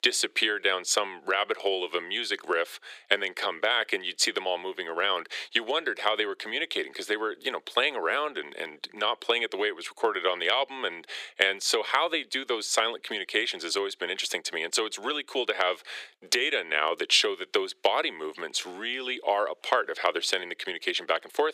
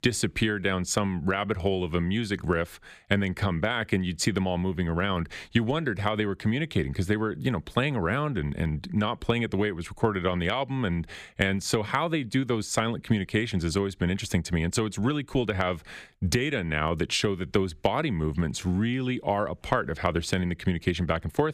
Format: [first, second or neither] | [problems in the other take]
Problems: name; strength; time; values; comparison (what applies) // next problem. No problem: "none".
second | thin; very; fading below 400 Hz